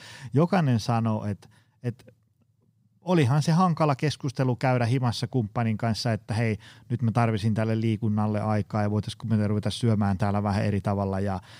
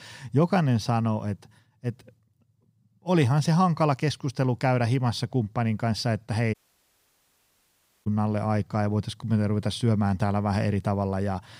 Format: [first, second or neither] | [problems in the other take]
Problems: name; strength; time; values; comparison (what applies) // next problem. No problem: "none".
first | audio cutting out; at 6.5 s for 1.5 s